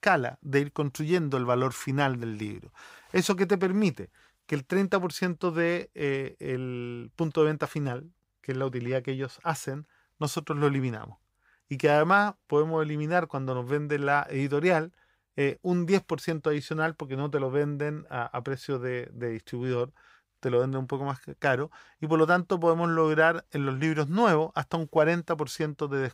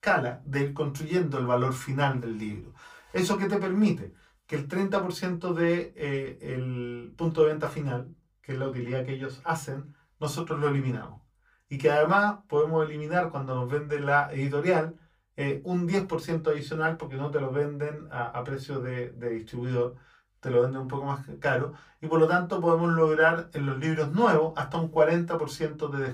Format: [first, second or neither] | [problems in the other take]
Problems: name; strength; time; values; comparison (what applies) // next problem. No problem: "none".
first | off-mic speech; far // room echo; very slight; dies away in 0.2 s